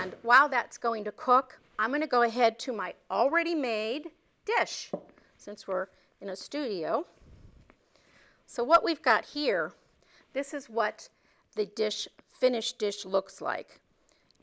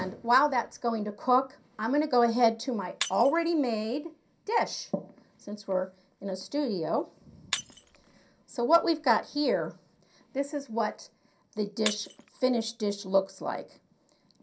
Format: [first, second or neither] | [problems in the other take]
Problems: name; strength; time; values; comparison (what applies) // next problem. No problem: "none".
first | background sound (Shatter); 15 dB below the speech // room echo; dies away in 0.3 s